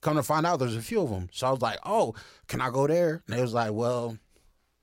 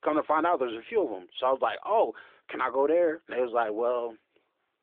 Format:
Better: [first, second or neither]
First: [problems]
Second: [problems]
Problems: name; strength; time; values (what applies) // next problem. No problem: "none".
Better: first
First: none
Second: phone-call audio; nothing above 3.5 kHz